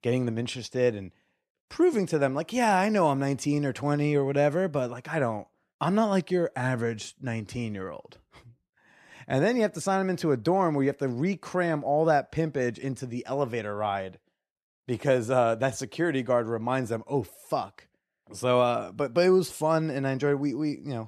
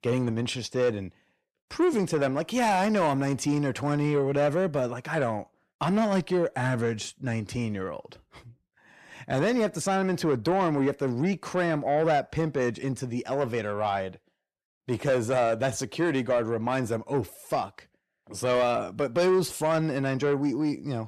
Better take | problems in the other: first | distortion; slight; 10 dB below the speech

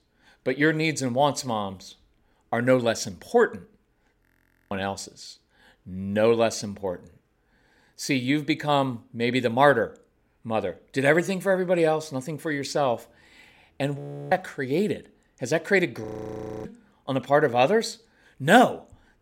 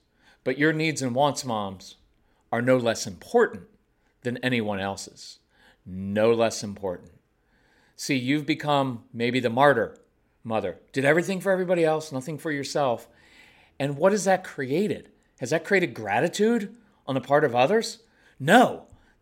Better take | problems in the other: second | audio freezing; at 4 s, at 14 s and at 16 s for 0.5 s

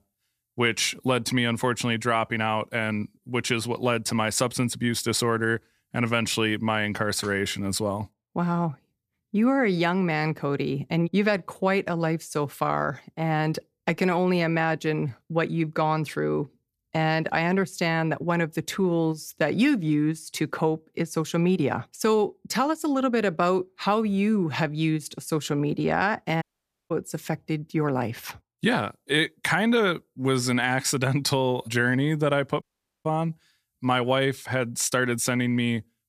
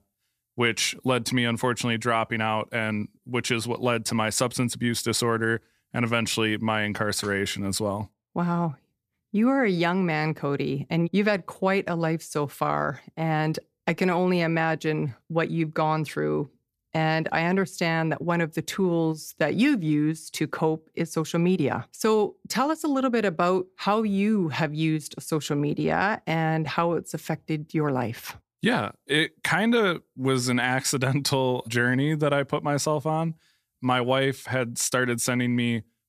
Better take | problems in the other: second | audio cutting out; at 26 s and at 33 s

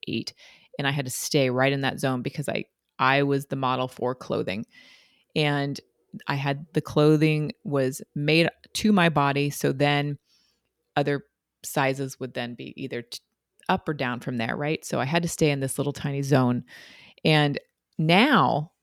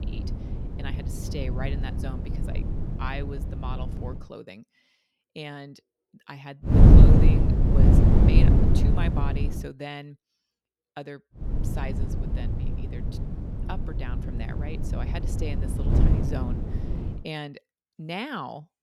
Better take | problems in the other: first | wind noise on the microphone; heavy; until 4 s, from 6.5 to 9.5 s and from 11 to 17 s; 4 dB above the speech

